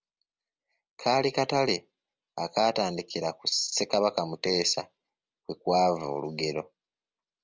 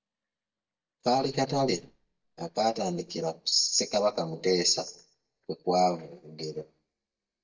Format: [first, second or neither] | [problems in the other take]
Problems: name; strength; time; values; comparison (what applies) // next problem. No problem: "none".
first | noise reduction (neural mask model DeepFilterNet 3)